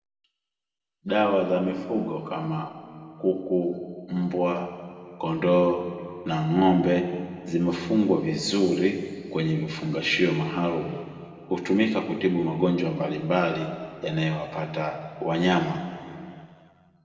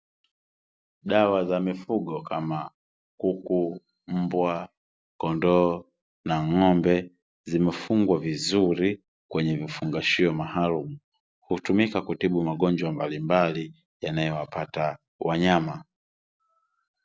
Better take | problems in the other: second | room echo; dies away in 2.1 s

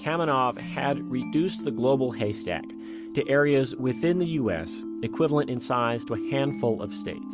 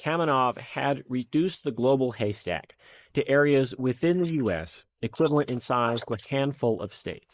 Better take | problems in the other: first | noise reduction (neural mask model Resemble Enhance denoiser)

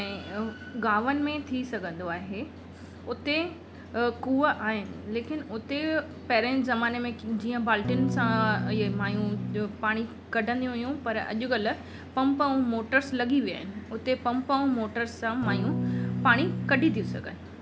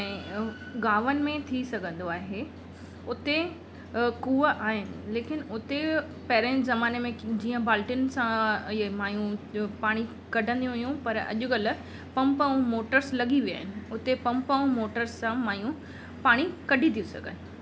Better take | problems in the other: second | background sound (Electric guitar / Strum); 1 dB below the speech

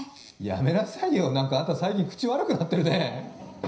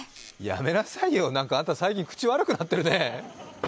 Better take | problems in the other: second | room echo; dies away in 0.5 s

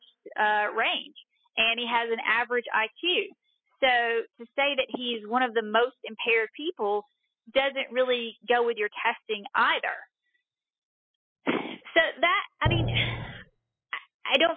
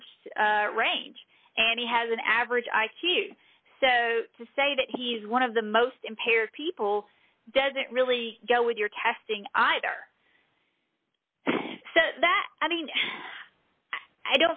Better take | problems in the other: second | noise reduction (classical method spectral subtraction)

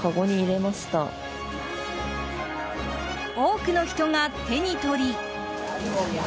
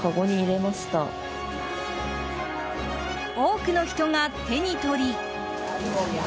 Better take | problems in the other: first | background sound (Wind instrument, woodwind instrument); 12 dB below the speech

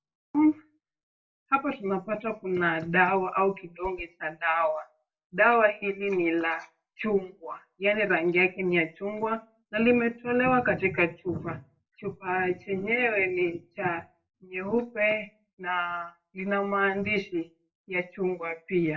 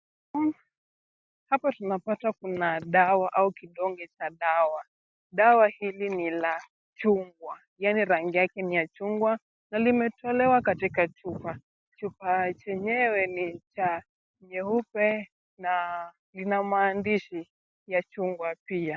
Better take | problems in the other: second | background sound (Whoosh, swoosh, swish); 20 dB below the speech // room echo; dies away in 0.2 s

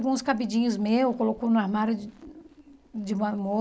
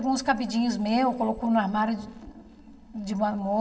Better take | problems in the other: first | room echo; dies away in 2.4 s

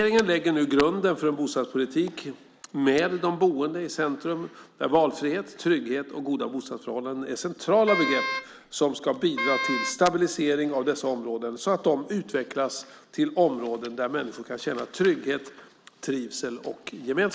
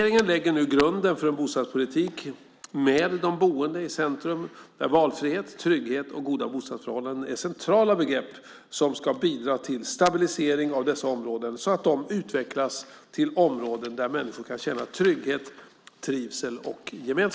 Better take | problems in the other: second | background sound (Wind instrument, woodwind instrument); 5 dB below the speech

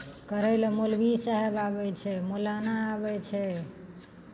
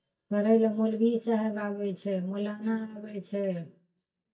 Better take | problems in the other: first | noise reduction (neural mask model DeepFilterNet 3)

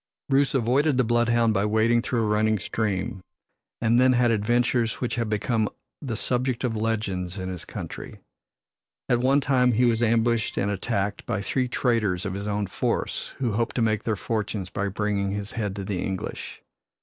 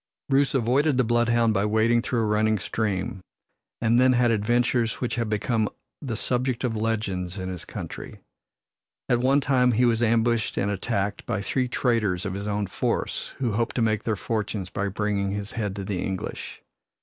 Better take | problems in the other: second | noise reduction (neural separator model SepFormer DNS4)

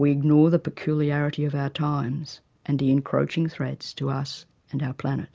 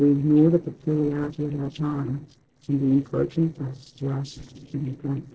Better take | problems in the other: first | noise reduction (neural separator model SepFormer DNS4)

